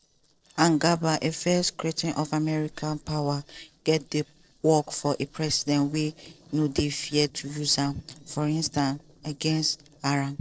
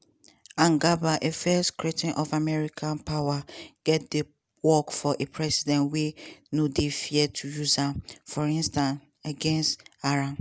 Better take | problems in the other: second | noise reduction (neural separator model SepFormer DNS4)

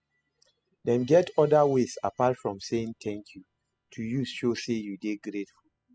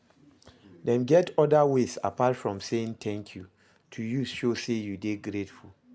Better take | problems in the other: second | noise reduction (classical method spectral subtraction)

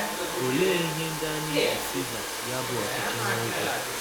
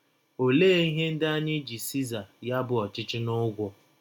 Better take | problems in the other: second | background sound (Domestic sounds, home sounds); 3 dB above the speech

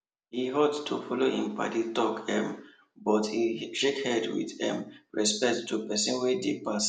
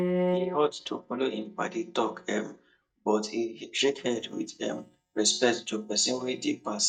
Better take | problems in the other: first | noise reduction (neural mask model DeepFilterNet 3)

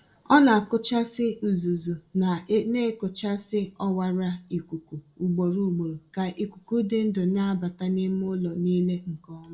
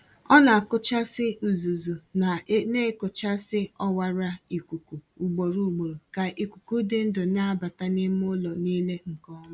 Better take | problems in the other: second | room echo; dies away in 0.3 s

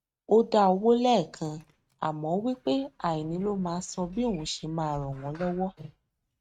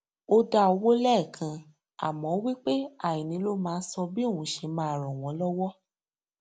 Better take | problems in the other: second | noise reduction (neural mask model RNNoise)

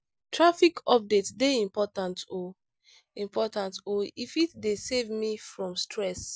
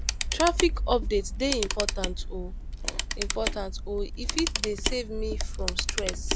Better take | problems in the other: first | background sound (Camera); 1 dB above the speech

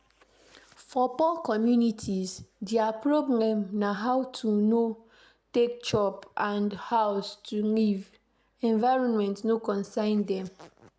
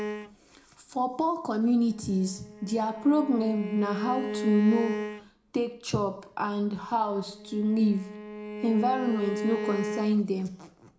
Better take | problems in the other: first | background sound (Bowed string instrument); 9 dB below the speech // room echo; dies away in 0.4 s

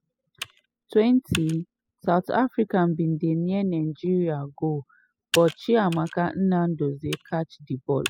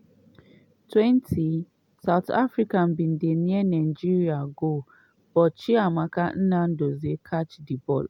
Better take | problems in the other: second | noise reduction (classical method spectral subtraction)

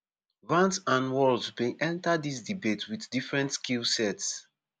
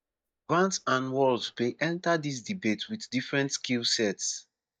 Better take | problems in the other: first | noise reduction (neural mask model DeepFilterNet 3)

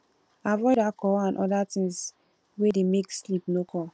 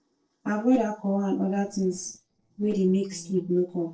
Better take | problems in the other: first | noise reduction (neural separator model SepFormer DNS4)

